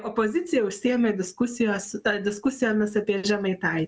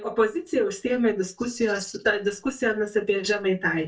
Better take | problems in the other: first | noise reduction (neural mask model DeepFilterNet 3)

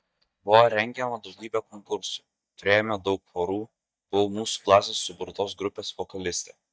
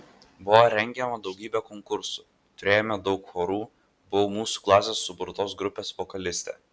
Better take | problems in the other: second | noise reduction (neural mask model DeepFilterNet 3)

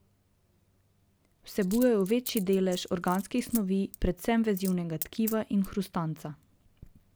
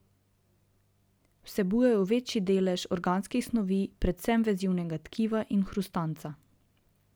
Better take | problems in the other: second | background sound (Coin (dropping)); 16 dB below the speech

